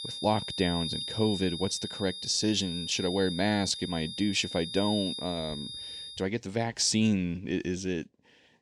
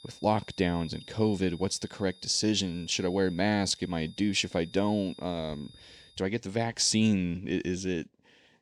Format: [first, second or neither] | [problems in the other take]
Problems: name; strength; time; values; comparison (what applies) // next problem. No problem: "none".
second | high-pitched whine; loud; until 6 s; 3.5 kHz, 6 dB below the speech; faint in the second